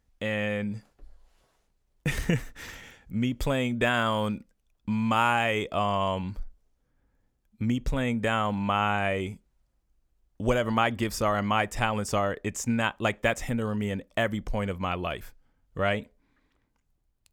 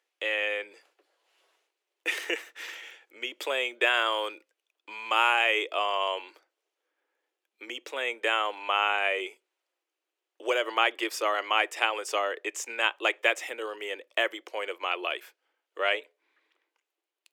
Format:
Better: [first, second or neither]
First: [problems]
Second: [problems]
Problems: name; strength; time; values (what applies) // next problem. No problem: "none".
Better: first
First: none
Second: thin; very; fading below 350 Hz